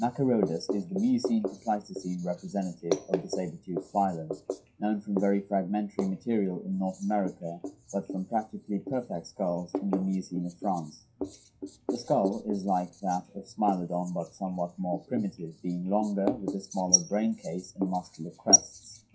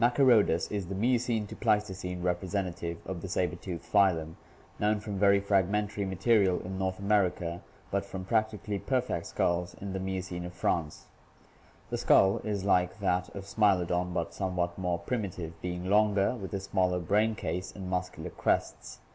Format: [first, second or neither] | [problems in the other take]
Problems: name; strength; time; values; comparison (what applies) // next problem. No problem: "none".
second | noise reduction (classical method WPE with log-MMSE)